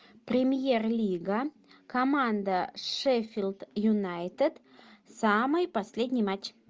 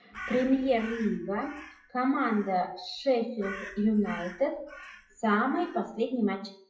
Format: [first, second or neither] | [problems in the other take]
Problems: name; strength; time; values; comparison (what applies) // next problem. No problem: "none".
first | noise reduction (classical method WPE with log-MMSE)